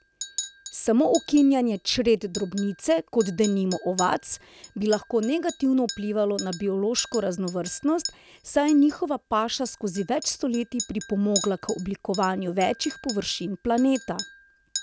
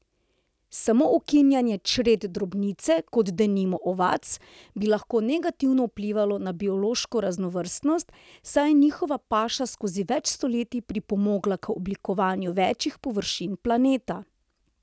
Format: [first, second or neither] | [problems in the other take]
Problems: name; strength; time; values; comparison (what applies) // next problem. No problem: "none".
second | background sound (Chink, clink); 14 dB below the speech